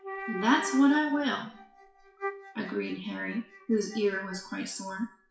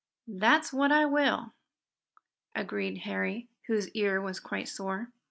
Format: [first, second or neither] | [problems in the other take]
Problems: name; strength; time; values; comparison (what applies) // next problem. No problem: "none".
second | noise reduction (classical method WPE with log-MMSE)